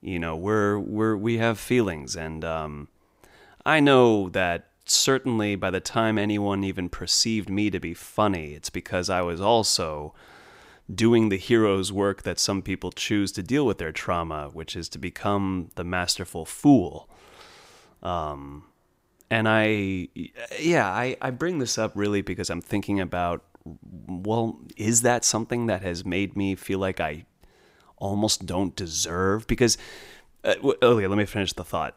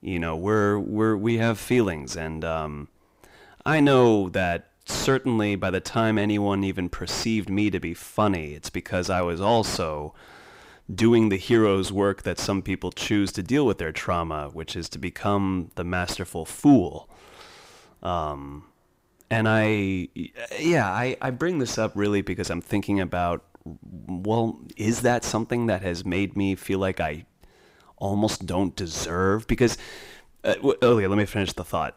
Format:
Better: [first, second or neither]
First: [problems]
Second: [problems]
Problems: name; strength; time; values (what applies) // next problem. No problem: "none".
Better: first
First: none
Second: distortion; slight; 10 dB below the speech